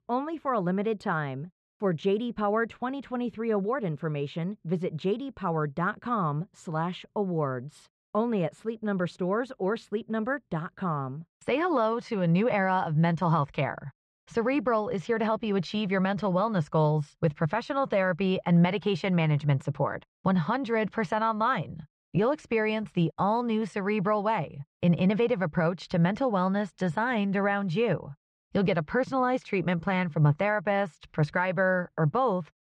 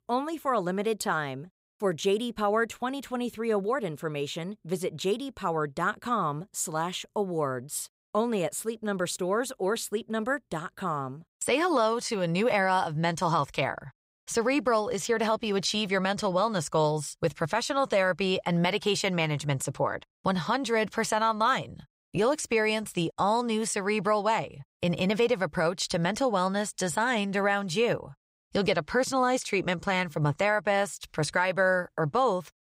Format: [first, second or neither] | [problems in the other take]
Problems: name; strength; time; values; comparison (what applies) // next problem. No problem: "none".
second | muffled; slightly; fading above 2.5 kHz